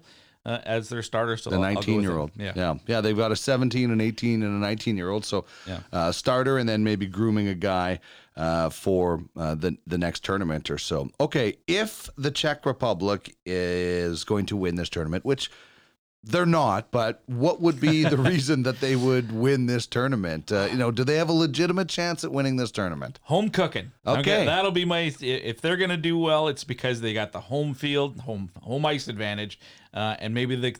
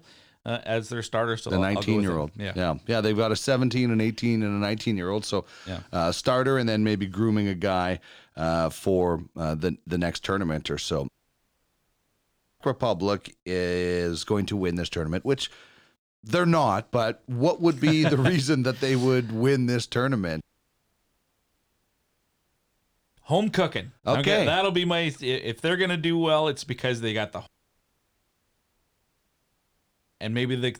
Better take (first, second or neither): first